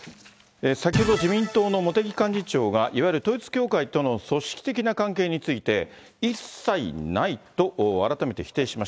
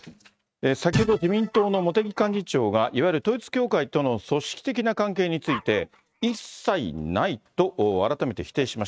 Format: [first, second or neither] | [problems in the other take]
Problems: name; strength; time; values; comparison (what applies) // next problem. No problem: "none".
first | noise reduction (neural mask model RNNoise)